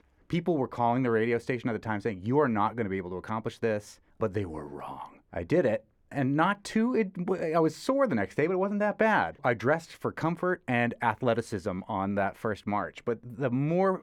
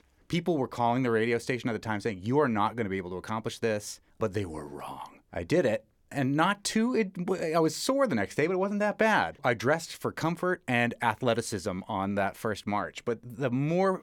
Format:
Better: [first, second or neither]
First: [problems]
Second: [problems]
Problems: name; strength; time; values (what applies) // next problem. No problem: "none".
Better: second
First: muffled; slightly; fading above 3 kHz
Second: none